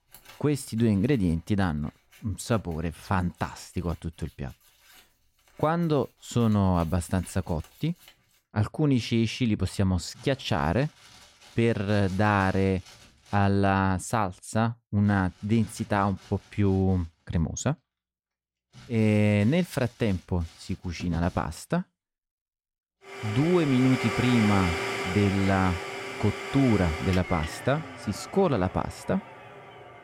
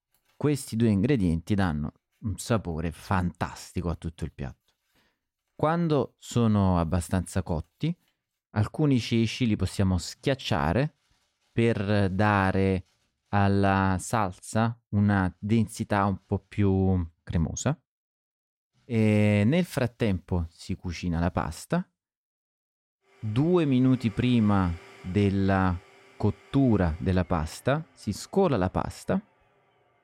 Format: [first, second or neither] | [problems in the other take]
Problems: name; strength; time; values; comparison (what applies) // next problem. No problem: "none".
second | household noises; loud; throughout; 8 dB below the speech; faint in the second